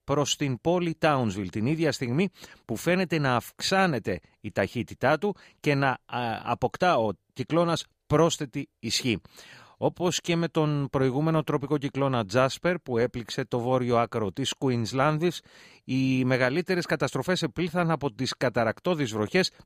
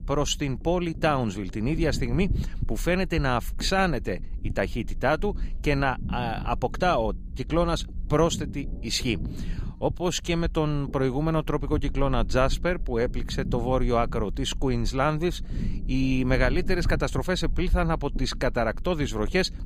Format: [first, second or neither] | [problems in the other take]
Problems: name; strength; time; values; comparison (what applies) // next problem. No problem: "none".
first | low rumble; faint; throughout; 20 dB below the speech